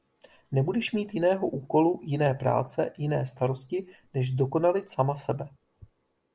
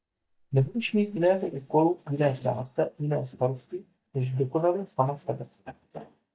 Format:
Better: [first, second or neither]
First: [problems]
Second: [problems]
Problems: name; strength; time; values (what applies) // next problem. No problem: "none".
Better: first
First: none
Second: noise reduction (neural mask model DeepFilterNet 3)